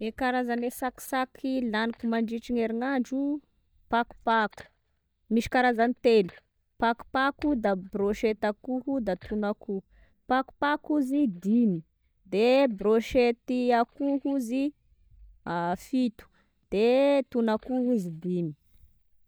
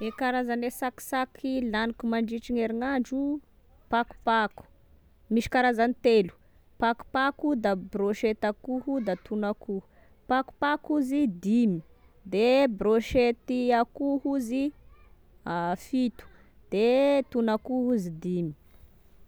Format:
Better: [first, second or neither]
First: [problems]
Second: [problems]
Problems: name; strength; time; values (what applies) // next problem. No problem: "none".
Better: second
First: noise reduction (neural mask model DeepFilterNet 3)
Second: none